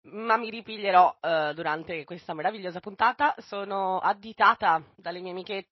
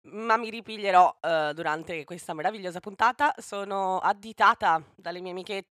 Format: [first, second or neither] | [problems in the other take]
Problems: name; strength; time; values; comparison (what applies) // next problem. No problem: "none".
second | garbled, watery; slightly; nothing above 5.5 kHz